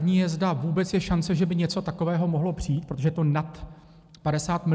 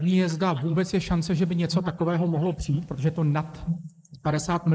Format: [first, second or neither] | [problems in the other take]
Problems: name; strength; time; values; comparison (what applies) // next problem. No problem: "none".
first | noise reduction (neural mask model Resemble Enhance denoiser)